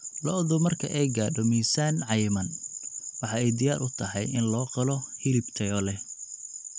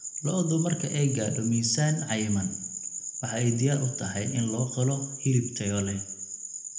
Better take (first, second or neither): first